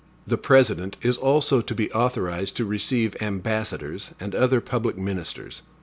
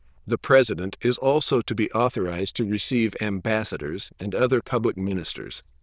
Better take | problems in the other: first | noise reduction (neural diffusion model UNIVERSE++)

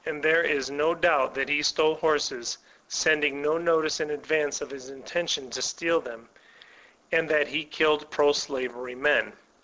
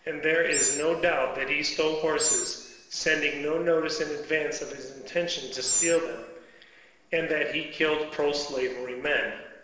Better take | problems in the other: first | background sound (Animal); 3 dB below the speech // room echo; dies away in 1.1 s

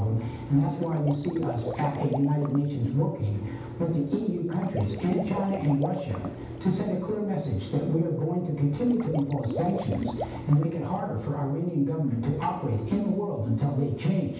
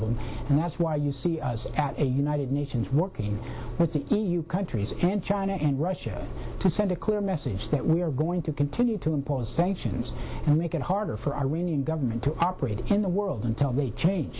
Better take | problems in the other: second | background sound (Water / Liquid); 12 dB below the speech // room echo; dies away in 0.9 s

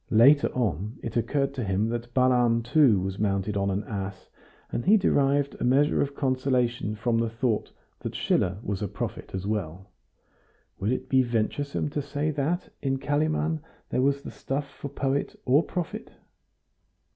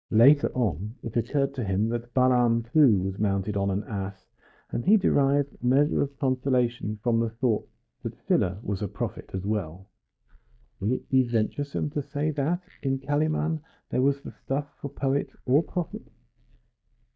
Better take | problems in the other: first | noise reduction (neural mask model DeepFilterNet 3)

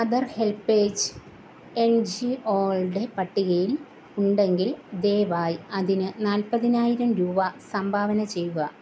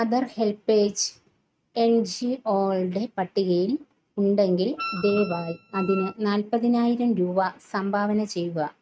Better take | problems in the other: first | noise reduction (neural mask model RNNoise)

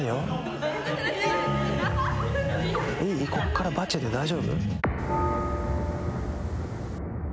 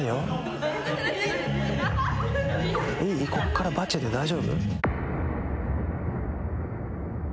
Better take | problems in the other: second | background sound (Bell); 7 dB below the speech

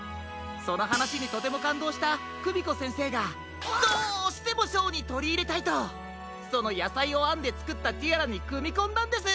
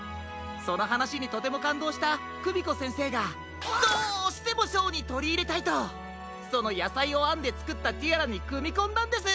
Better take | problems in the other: second | background sound (Hi-hat); 13 dB below the speech

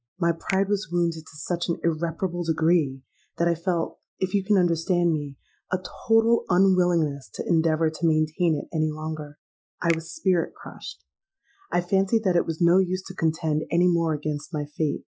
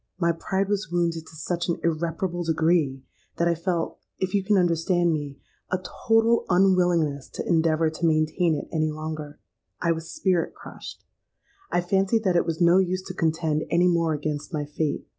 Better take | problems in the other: second | noise reduction (classical method Wiener filter)

